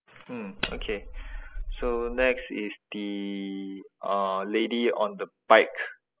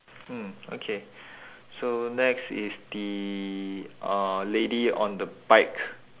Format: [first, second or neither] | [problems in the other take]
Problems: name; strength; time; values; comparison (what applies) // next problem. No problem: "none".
second | noise reduction (classical method spectral subtraction)